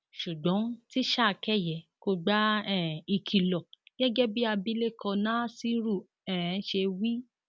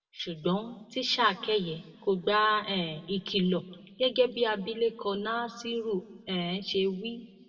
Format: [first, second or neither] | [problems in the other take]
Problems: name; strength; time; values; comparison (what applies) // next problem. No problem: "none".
first | room echo; dies away in 1.1 s